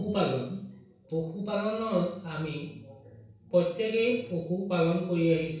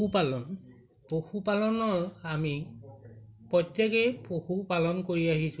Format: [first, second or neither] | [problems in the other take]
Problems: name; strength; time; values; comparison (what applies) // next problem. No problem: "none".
second | room echo; dies away in 0.7 s